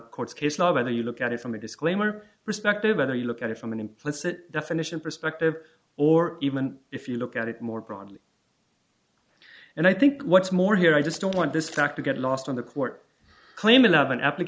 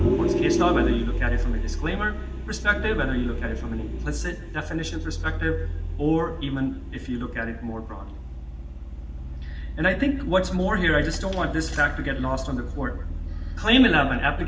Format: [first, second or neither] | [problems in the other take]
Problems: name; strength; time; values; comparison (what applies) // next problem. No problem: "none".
first | background sound (Vehicle); 2 dB below the speech // room echo; dies away in 0.8 s